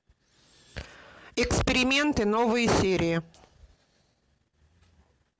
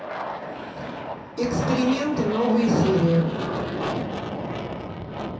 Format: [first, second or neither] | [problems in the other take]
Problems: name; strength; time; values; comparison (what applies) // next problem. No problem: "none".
first | background sound (Aircraft); 5 dB below the speech // room echo; dies away in 0.6 s